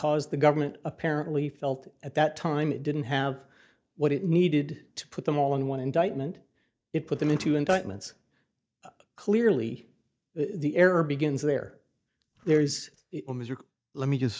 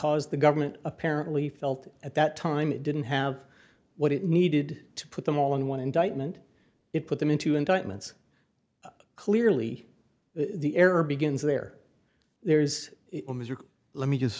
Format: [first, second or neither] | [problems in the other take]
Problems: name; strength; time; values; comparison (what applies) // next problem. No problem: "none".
second | noise reduction (neural mask model DeepFilterNet 3)